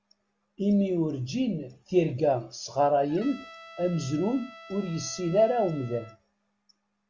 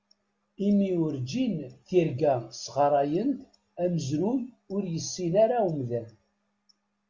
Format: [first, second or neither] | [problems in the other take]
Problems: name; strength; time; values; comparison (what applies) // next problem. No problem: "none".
second | background sound (Trumpet); 19 dB below the speech